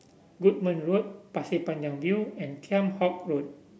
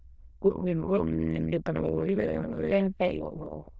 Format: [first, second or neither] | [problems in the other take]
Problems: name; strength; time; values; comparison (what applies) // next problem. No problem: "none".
first | noise reduction (neural diffusion model UNIVERSE++)